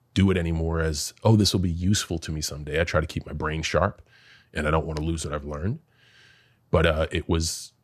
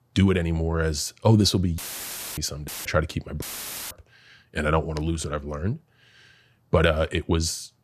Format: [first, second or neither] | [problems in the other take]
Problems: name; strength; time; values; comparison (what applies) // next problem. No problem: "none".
first | audio cutting out; filled with static; at 2 s for 0.5 s, at 2.5 s and at 3.5 s